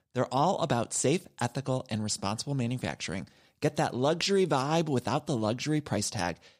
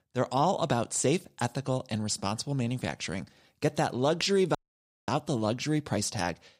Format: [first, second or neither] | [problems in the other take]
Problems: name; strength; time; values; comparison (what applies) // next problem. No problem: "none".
first | audio cutting out; at 4.5 s for 0.5 s